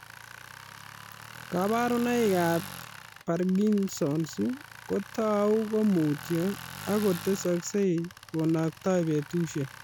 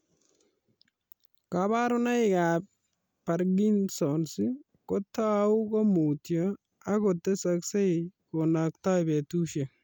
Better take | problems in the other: second | background sound (Tools); 15 dB below the speech

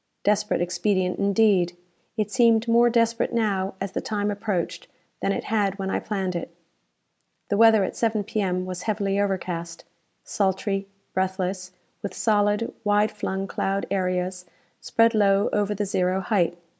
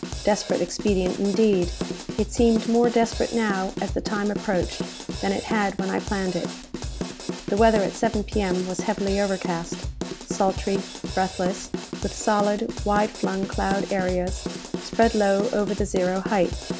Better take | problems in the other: first | background sound (Drum / Drum kit); 7 dB below the speech

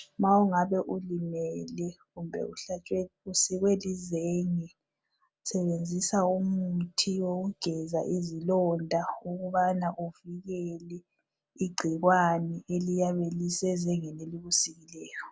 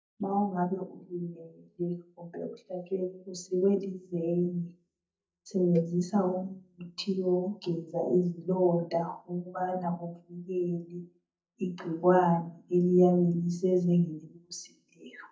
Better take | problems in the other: first | noise reduction (neural mask model DeepFilterNet 3)

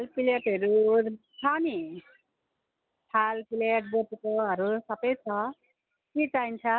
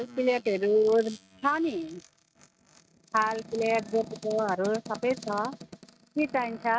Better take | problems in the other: first | noise reduction (neural mask model RNNoise)

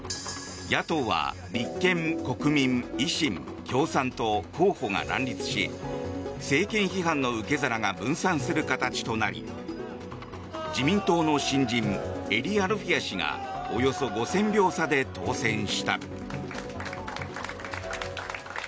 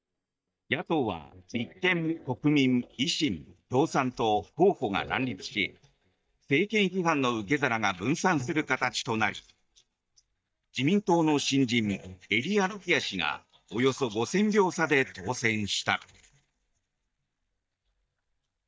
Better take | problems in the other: first | noise reduction (neural mask model DeepFilterNet 3)

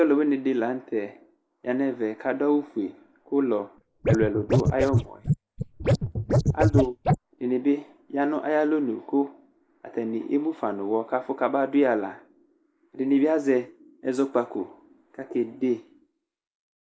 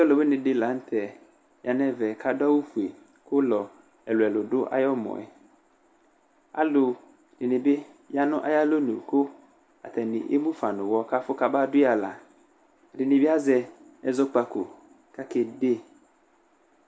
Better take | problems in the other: second | noise reduction (neural mask model Resemble Enhance denoiser)

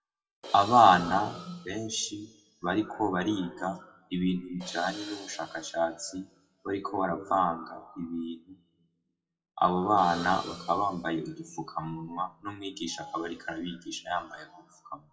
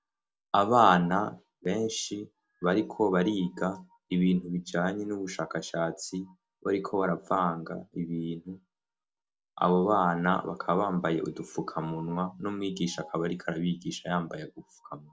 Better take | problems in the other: second | noise reduction (classical method WPE with log-MMSE)

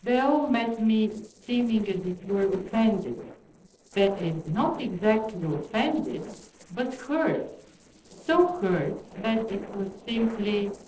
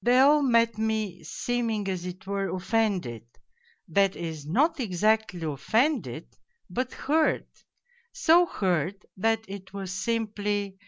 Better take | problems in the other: second | noise reduction (neural separator model SepFormer DNS4)

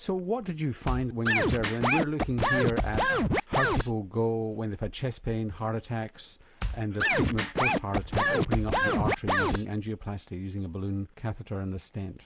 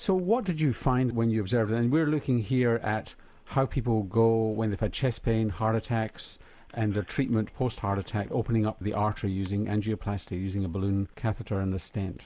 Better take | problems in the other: second | background sound (Scratching (performance technique)); 4 dB above the speech

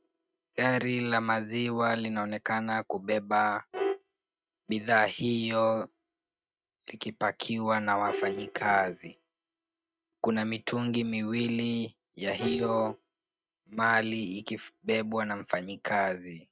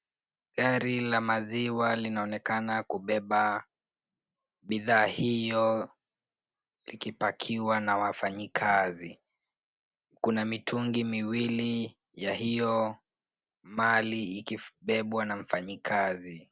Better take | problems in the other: second | noise reduction (neural mask model RNNoise)

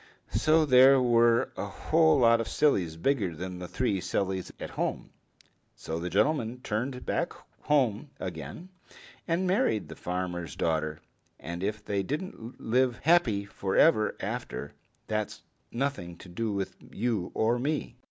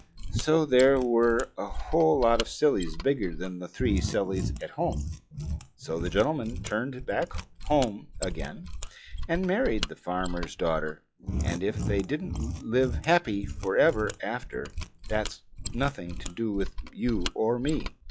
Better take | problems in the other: first | noise reduction (classical method log-MMSE)

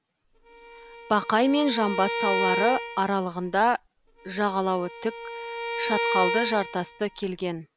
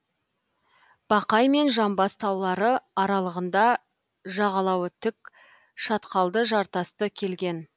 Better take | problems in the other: second | background sound (Bowed string instrument); 5 dB below the speech

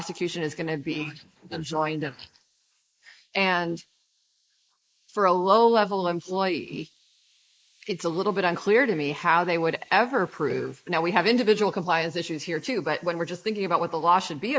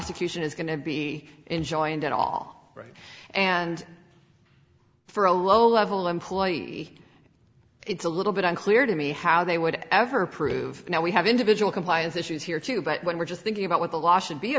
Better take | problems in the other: second | noise reduction (neural mask model Resemble Enhance denoiser)

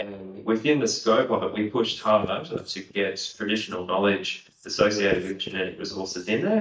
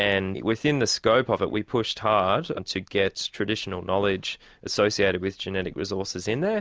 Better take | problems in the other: second | noise reduction (neural mask model DeepFilterNet 3)

